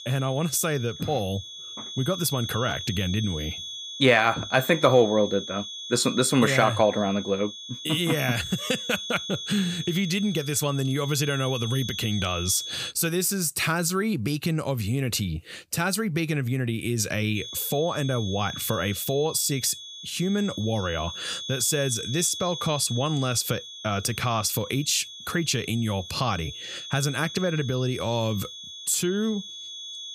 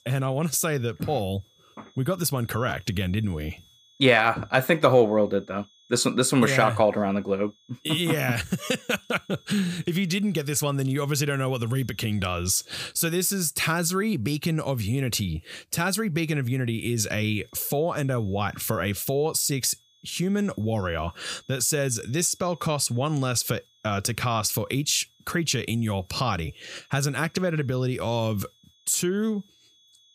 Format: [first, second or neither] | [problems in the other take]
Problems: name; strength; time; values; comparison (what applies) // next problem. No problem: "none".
second | high-pitched whine; loud; until 13 s and from 17 s on; 3.5 kHz, 9 dB below the speech; faint in the second